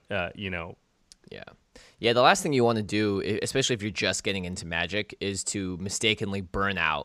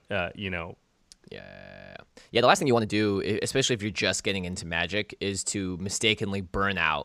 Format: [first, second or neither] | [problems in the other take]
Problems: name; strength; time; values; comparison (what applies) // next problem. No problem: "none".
first | audio freezing; at 1.5 s for 0.5 s